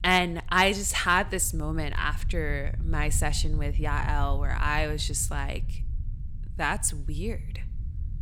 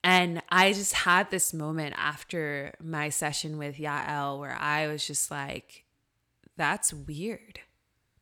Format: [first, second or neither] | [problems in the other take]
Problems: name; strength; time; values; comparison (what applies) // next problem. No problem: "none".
second | low rumble; faint; throughout; 25 dB below the speech